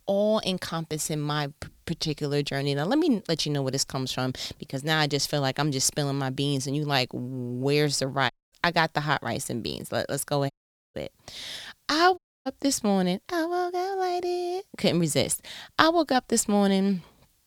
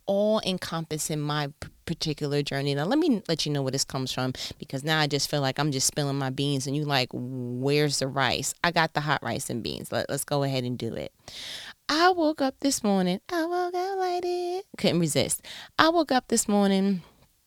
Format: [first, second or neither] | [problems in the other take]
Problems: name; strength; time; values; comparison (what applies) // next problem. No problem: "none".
second | audio cutting out; at 8.5 s, at 11 s and at 12 s